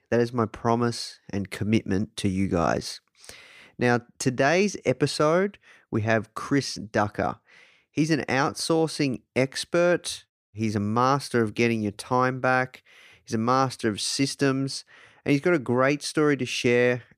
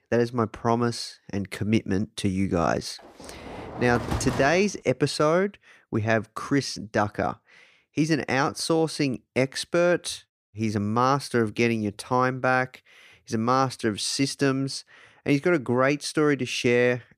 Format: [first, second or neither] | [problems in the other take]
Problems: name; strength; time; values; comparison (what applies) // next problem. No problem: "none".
first | door banging; noticeable; from 3 to 4.5 s; peak 5 dB below the speech